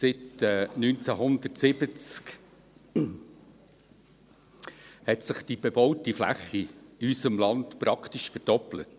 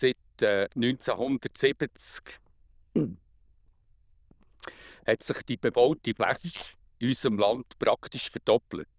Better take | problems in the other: first | noise reduction (neural diffusion model UNIVERSE++)

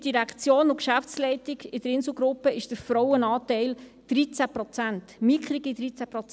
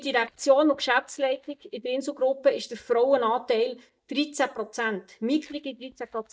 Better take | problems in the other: first | noise reduction (neural mask model DeepFilterNet 3)

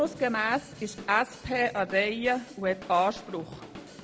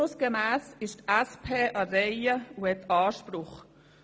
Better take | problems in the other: second | background sound (Drum / Drum kit); 18 dB below the speech

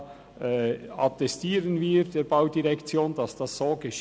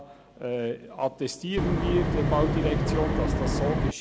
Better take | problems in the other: first | background sound (Wind); 4 dB above the speech

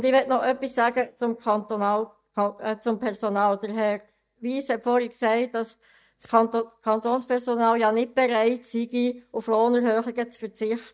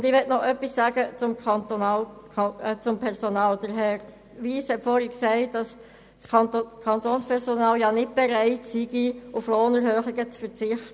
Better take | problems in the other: second | noise reduction (neural mask model DeepFilterNet 3)

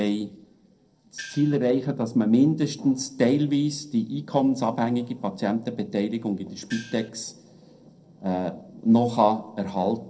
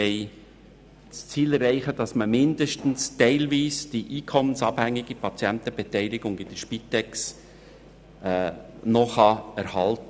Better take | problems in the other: second | noise reduction (neural separator model SepFormer DNS4)

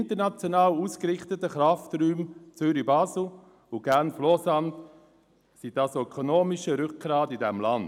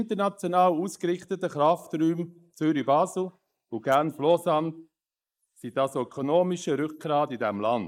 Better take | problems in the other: first | noise reduction (neural mask model Resemble Enhance denoiser)

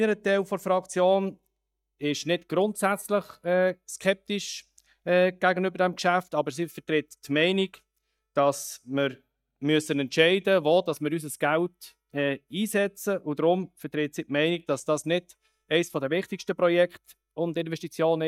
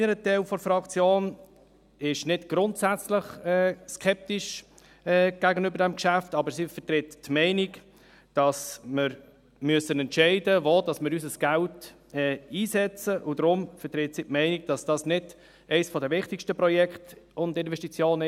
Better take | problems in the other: second | noise reduction (neural mask model DeepFilterNet 3)

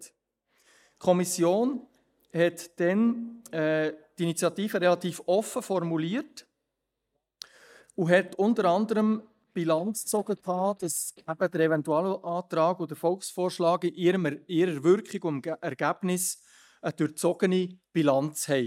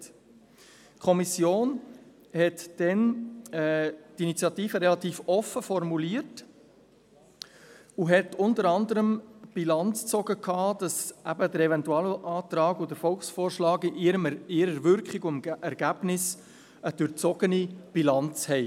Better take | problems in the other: second | noise reduction (neural mask model DeepFilterNet 3)

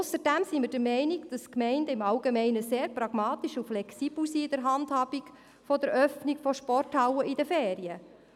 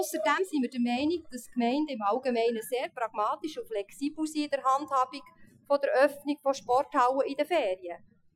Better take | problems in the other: first | noise reduction (classical method Wiener filter)

